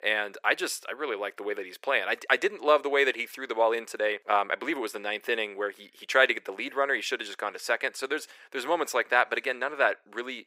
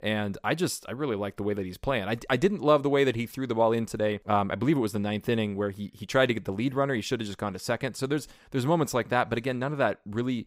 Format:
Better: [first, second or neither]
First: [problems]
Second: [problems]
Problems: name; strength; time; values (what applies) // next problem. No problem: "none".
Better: second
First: thin; very; fading below 400 Hz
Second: none